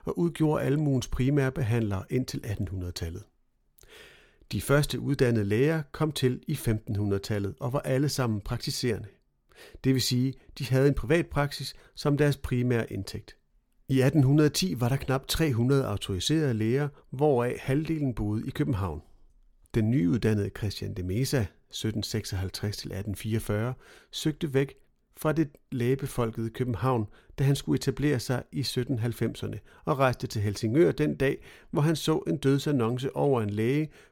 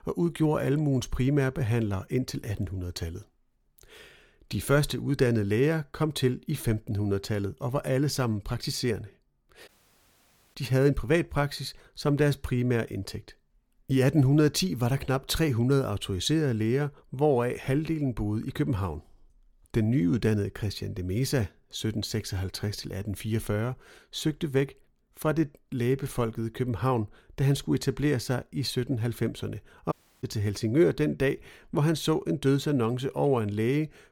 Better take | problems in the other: first | audio cutting out; at 9.5 s for 1 s and at 30 s

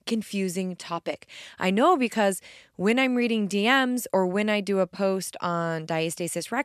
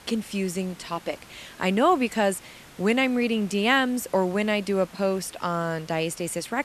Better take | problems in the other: first | hiss; faint; throughout; 20 dB below the speech

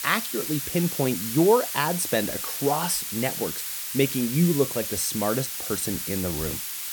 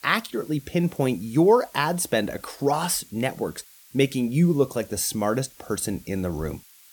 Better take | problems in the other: second | hiss; loud; throughout; 3 dB below the speech; faint in the second

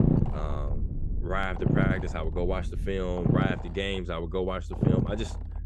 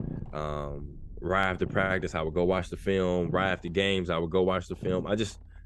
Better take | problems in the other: second | low rumble; loud; throughout; 3 dB below the speech; faint in the second

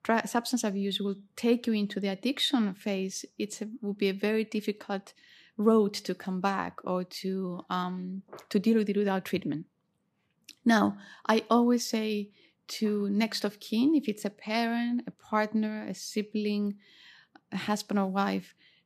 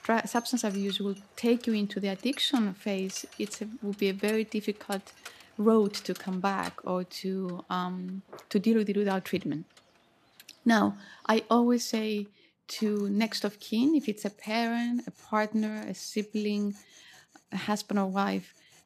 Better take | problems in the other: first | machinery noise; faint; throughout; 20 dB below the speech

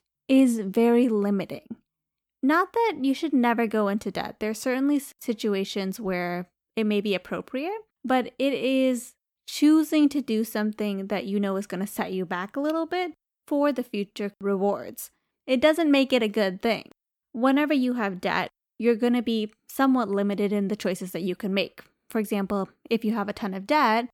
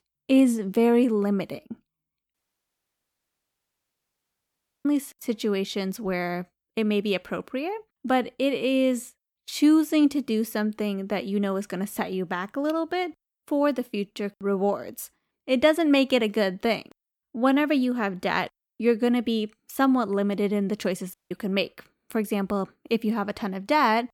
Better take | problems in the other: first | audio cutting out; at 2.5 s for 2.5 s and at 21 s

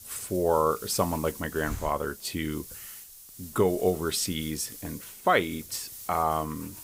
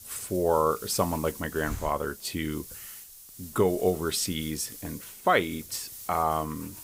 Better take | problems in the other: neither | hiss; noticeable; throughout; 15 dB below the speech; the same in both

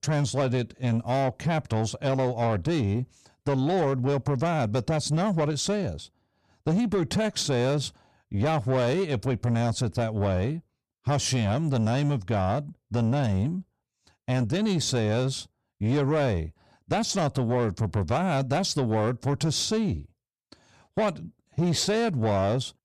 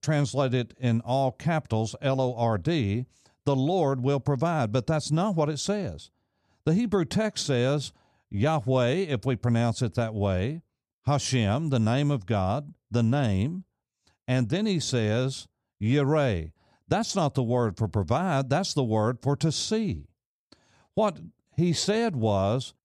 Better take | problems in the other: second | distortion; slight; 10 dB below the speech

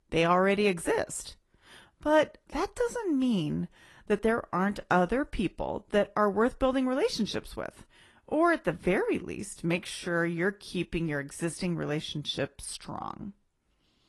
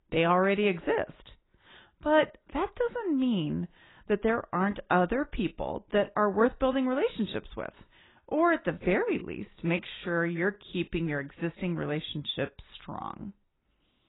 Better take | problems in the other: first | garbled, watery; badly; nothing above 4 kHz; slightly in the first

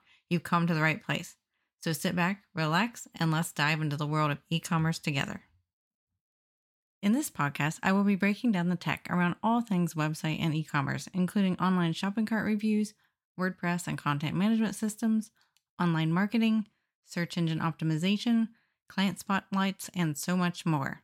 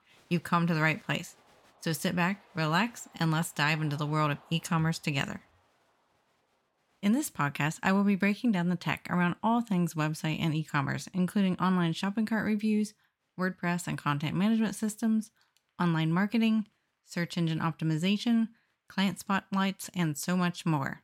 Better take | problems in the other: first | crowd noise; faint; throughout; 30 dB below the speech

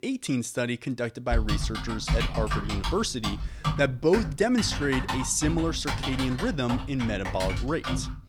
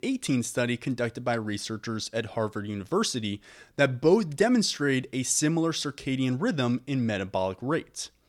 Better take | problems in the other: second | keyboard typing; loud; from 1.5 s on; peak level with the speech

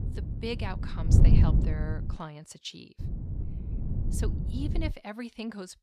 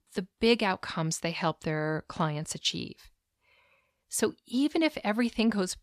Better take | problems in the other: second | wind noise on the microphone; heavy; until 2 s and from 3 to 5 s; 2 dB below the speech

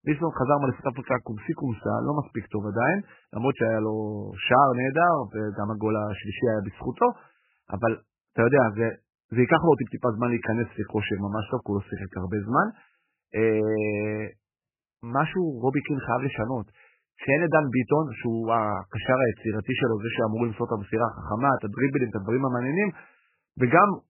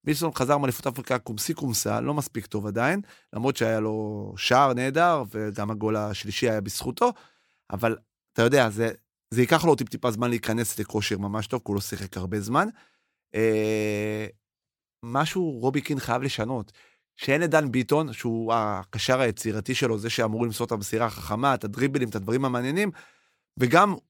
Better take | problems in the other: second | garbled, watery; badly; nothing above 3 kHz

